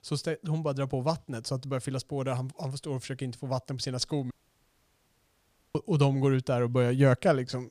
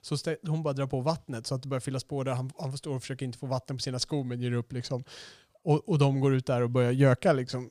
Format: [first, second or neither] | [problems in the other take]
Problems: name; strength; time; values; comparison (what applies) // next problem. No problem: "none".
second | audio cutting out; at 4.5 s for 1.5 s